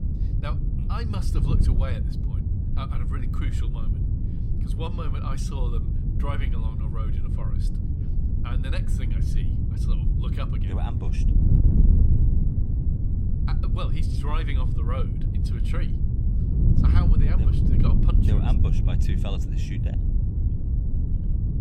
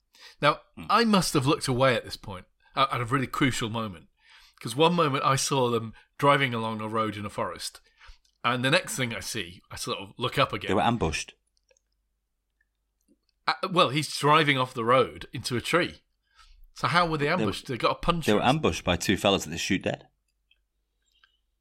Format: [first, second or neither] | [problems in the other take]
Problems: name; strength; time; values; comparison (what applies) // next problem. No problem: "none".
second | wind noise on the microphone; heavy; as loud as the speech